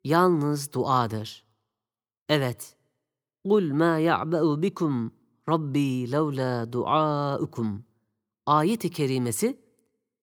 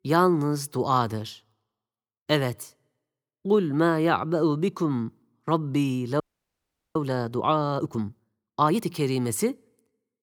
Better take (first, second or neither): first